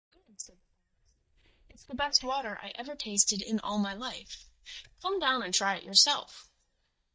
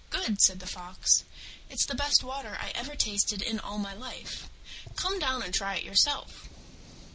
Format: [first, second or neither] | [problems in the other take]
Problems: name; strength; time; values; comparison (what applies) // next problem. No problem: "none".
second | noise reduction (neural mask model DeepFilterNet 3)